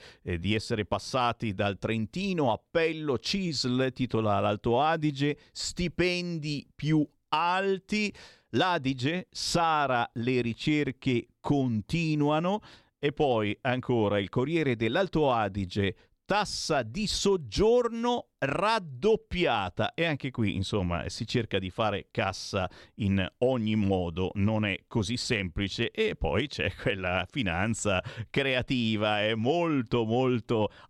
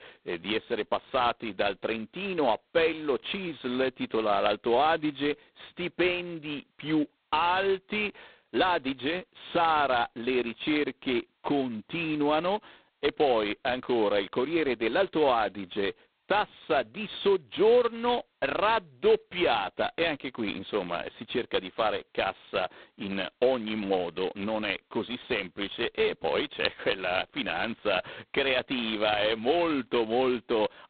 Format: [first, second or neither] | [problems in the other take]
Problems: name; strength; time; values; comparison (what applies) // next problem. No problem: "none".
first | phone-call audio; poor line; nothing above 4 kHz